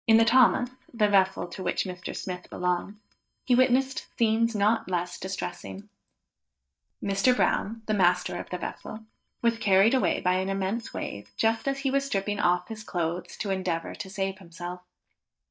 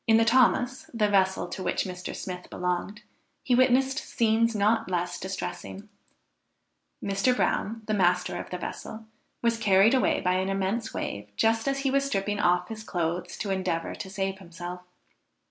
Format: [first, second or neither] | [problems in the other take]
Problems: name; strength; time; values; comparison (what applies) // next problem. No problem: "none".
second | noise reduction (neural mask model DeepFilterNet 3)